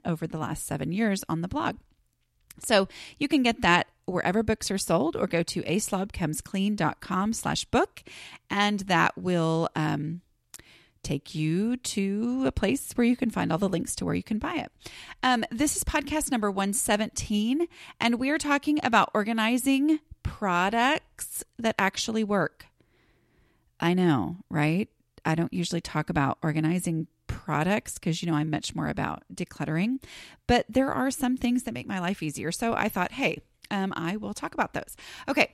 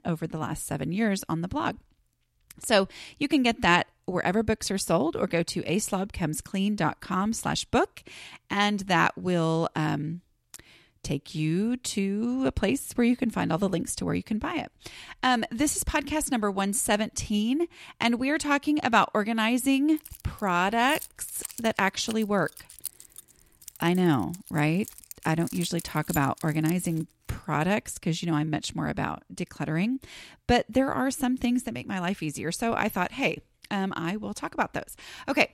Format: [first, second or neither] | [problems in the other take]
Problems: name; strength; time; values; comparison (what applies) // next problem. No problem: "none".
first | jangling keys; noticeable; from 20 to 27 s; peak 9 dB below the speech